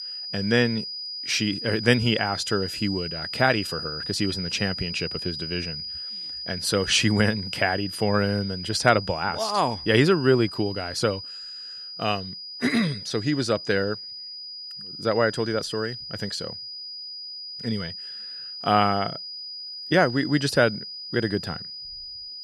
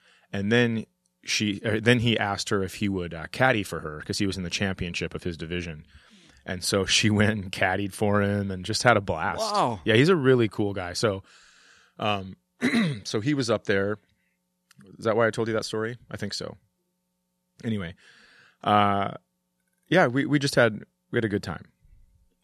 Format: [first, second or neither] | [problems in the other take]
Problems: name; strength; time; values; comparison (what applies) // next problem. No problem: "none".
second | high-pitched whine; loud; throughout; 5 kHz, 8 dB below the speech